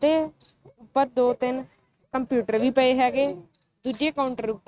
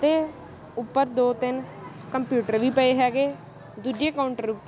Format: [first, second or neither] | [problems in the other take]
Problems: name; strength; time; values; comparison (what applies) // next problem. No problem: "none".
second | noise reduction (neural mask model RNNoise)